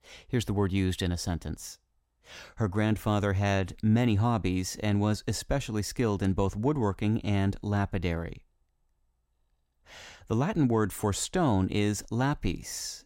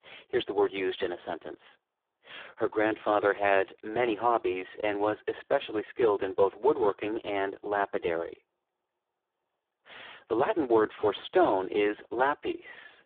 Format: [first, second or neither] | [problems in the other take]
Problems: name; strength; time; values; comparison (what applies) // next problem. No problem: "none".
first | phone-call audio; poor line